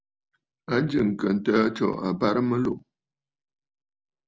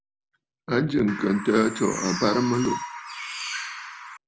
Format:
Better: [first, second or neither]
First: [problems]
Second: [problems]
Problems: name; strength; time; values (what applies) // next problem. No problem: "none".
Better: first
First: none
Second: background sound (Bird); 8 dB below the speech